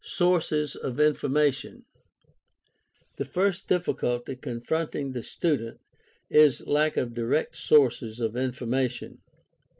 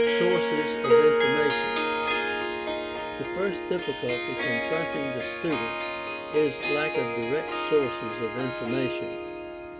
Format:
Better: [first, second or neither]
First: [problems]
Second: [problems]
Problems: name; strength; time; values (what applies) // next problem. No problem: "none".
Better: first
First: none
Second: background sound (Harp); 3 dB above the speech